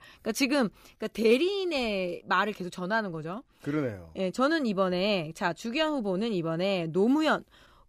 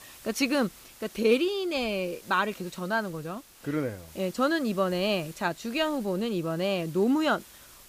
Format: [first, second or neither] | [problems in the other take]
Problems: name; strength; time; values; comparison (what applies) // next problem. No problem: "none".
first | hiss; faint; throughout; 20 dB below the speech